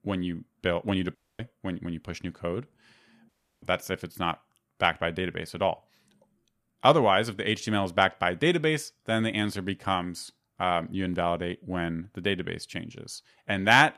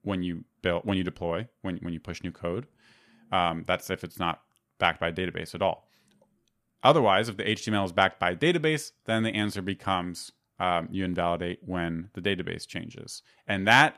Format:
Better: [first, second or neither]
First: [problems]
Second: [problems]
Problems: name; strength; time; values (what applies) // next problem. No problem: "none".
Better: second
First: audio cutting out; at 1 s and at 3.5 s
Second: none